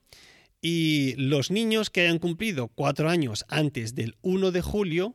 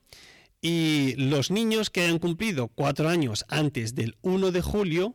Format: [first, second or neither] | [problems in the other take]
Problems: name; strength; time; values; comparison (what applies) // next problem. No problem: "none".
first | distortion; slight; 12% of the sound clipped